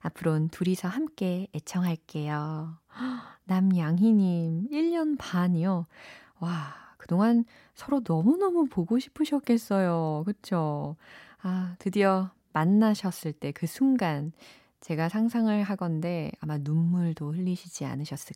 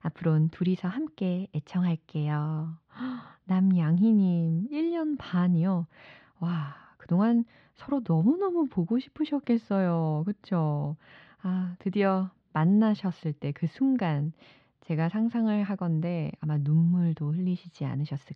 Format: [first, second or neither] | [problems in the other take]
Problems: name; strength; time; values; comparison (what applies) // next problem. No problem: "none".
first | muffled; slightly; fading above 3.5 kHz